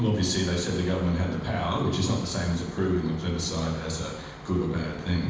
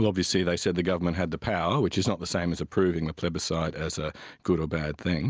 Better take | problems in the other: second | background sound (Bus); 16 dB below the speech // room echo; dies away in 1.1 s

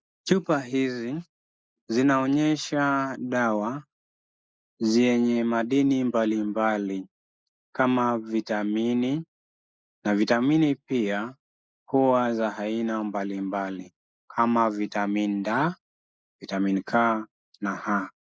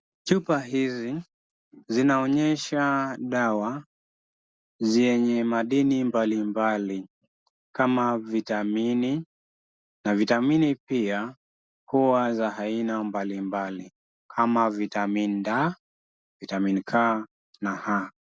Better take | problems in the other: second | noise reduction (neural mask model Resemble Enhance denoiser)

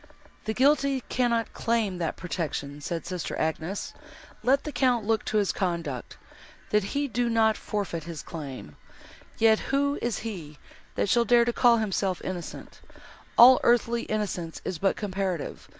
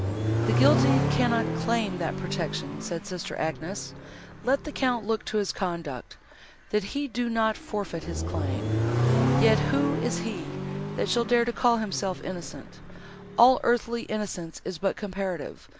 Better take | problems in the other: first | background sound (Accelerating, revving, vroom); 2 dB below the speech

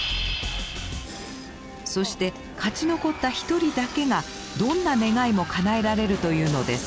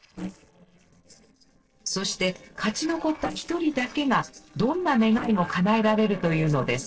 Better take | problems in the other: first | noise reduction (neural separator model SepFormer DNS4)

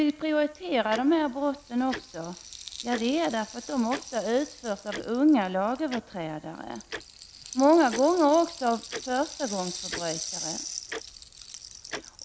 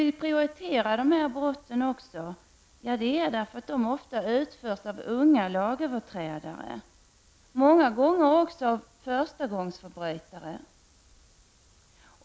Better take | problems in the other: second | background sound (Rattle (instrument) + Tick-tock); 13 dB below the speech

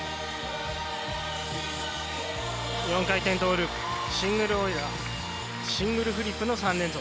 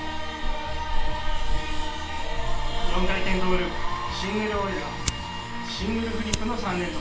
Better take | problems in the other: first | background sound (Fire); 3 dB above the speech // room echo; dies away in 0.3 s

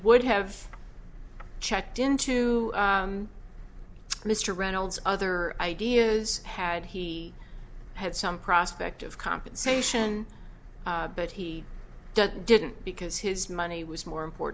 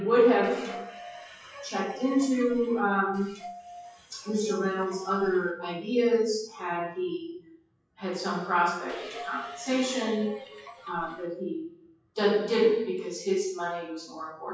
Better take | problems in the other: first | noise reduction (classical method WPE with log-MMSE)

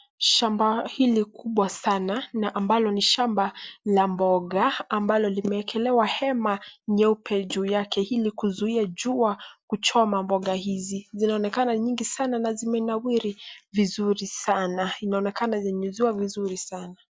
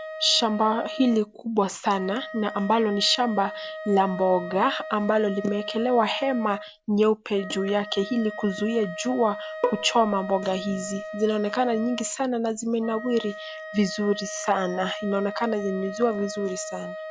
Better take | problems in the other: first | background sound (Wind instrument, woodwind instrument + Bowed string instrument); 11 dB below the speech

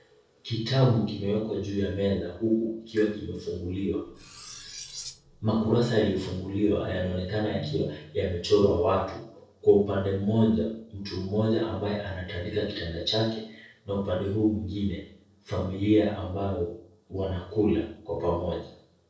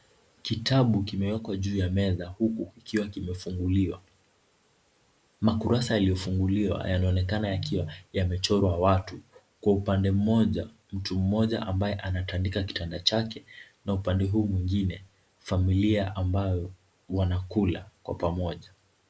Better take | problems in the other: second | noise reduction (neural separator model SepFormer DNS4)

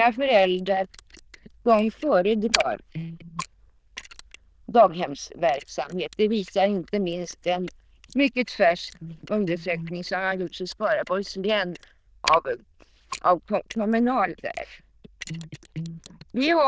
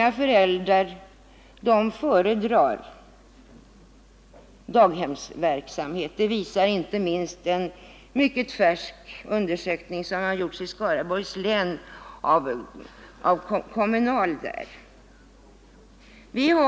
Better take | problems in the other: second | noise reduction (neural diffusion model UNIVERSE++)

